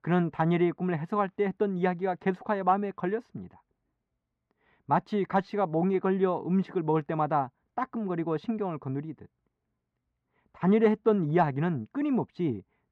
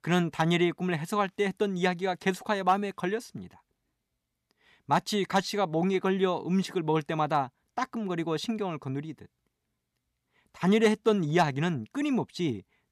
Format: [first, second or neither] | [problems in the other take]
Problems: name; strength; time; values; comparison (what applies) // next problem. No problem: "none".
second | muffled; very; fading above 4 kHz